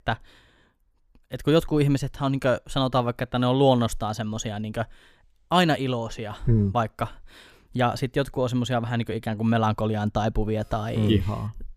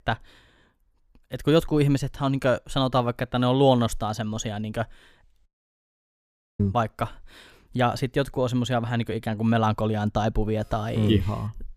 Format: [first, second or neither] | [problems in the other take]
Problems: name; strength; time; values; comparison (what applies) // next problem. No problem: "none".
first | audio cutting out; at 5.5 s for 1 s